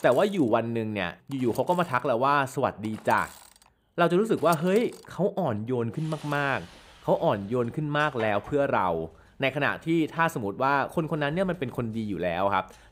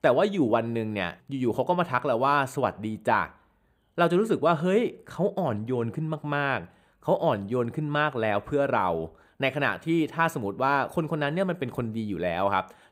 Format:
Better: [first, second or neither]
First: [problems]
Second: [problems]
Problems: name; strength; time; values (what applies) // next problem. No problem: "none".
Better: second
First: machinery noise; faint; throughout; 20 dB below the speech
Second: none